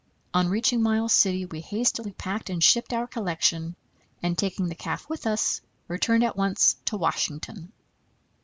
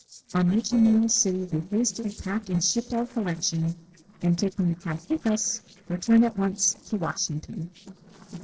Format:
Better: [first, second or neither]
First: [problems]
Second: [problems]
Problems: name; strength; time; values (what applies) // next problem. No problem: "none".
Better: first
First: none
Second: noise reduction (neural separator model SepFormer DNS4)